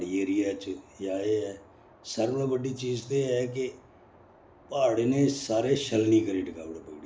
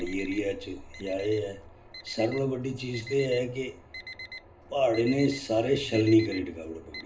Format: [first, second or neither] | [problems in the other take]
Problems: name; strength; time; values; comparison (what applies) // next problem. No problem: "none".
first | background sound (Alarm); 16 dB below the speech // room echo; dies away in 0.2 s